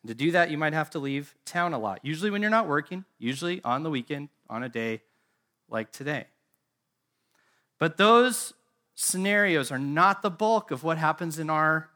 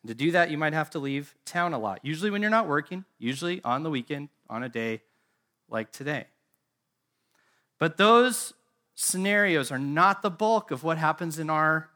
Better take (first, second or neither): neither